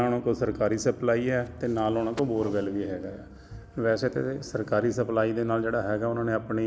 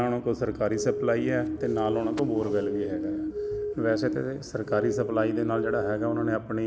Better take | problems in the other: first | background sound (Siren); 3 dB below the speech

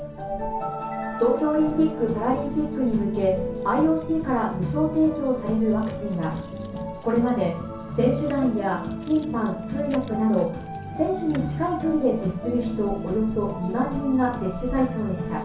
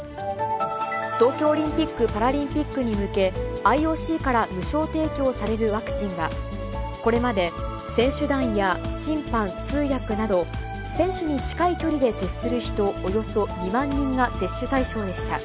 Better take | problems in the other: second | background sound (Keys jangling); 18 dB below the speech // room echo; dies away in 0.6 s

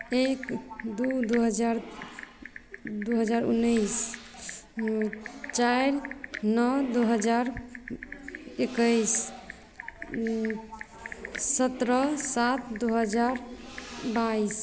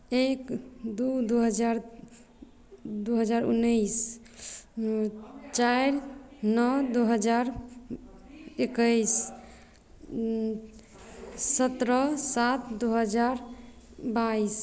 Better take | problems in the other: second | background sound (Typing); 15 dB below the speech

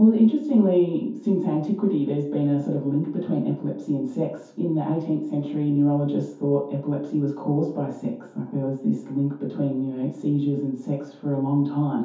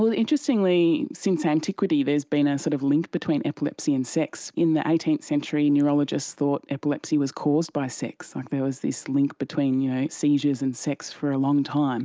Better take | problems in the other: second | room echo; dies away in 0.6 s

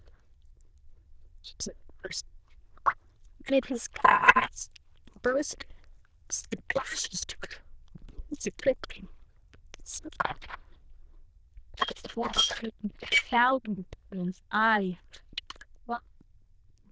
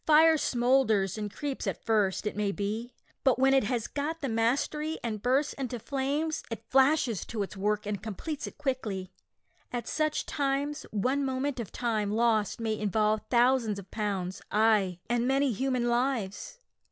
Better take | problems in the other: second | noise reduction (neural diffusion model UNIVERSE++)

